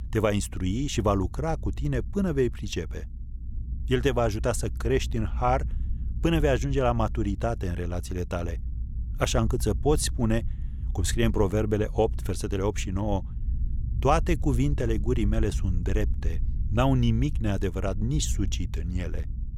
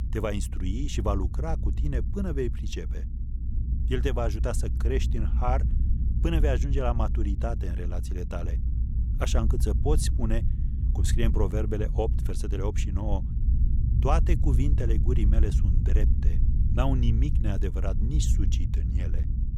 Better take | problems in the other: first | low rumble; loud; throughout; 10 dB below the speech; faint in the first

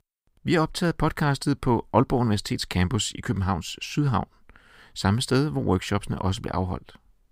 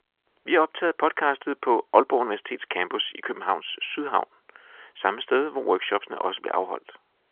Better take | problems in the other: first | phone-call audio; nothing above 3.5 kHz

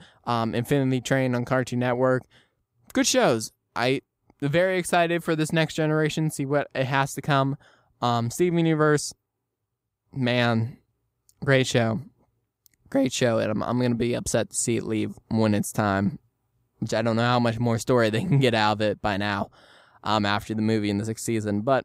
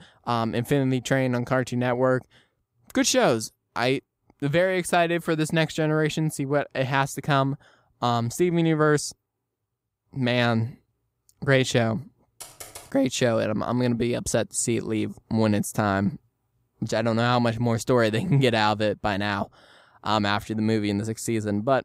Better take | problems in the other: first | keyboard typing; faint; at 12 s; peak 15 dB below the speech

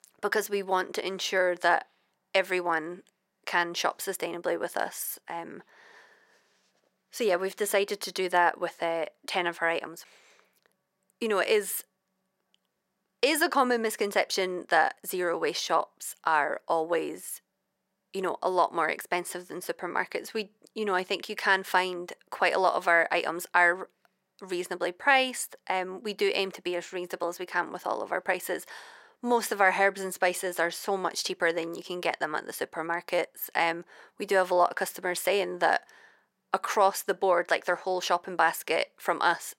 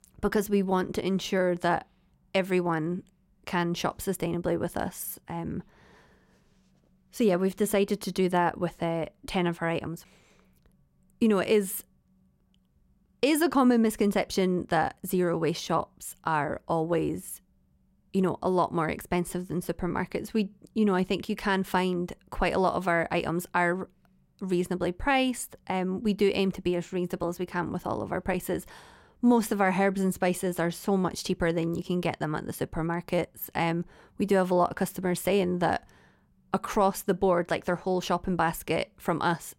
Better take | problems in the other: second | thin; very; fading below 550 Hz

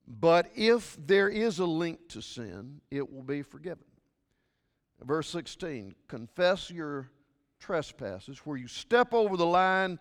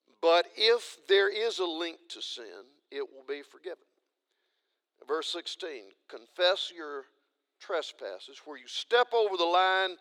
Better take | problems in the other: first | thin; very; fading below 350 Hz

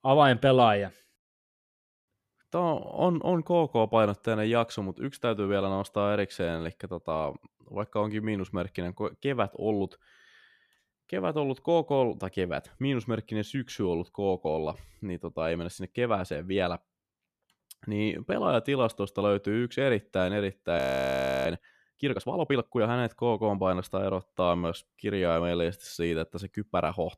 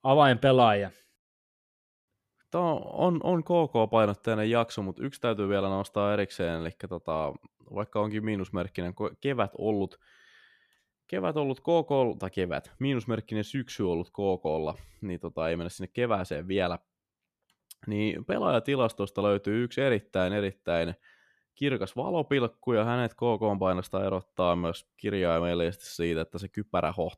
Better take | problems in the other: second | audio freezing; at 21 s for 0.5 s

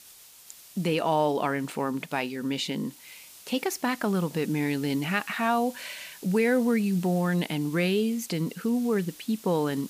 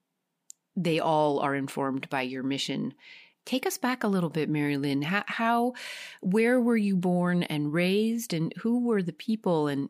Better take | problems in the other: second | hiss; noticeable; throughout; 20 dB below the speech

